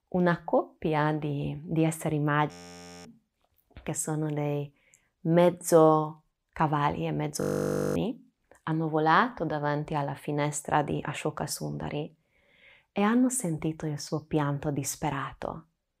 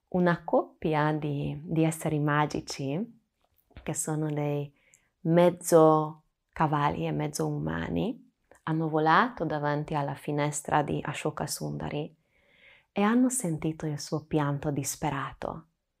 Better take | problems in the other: second | audio freezing; at 2.5 s for 0.5 s and at 7.5 s for 0.5 s

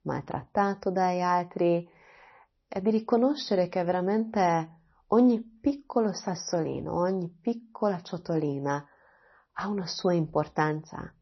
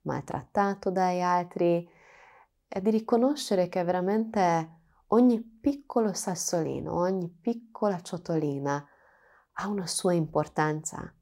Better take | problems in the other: second | garbled, watery; slightly; nothing above 6 kHz

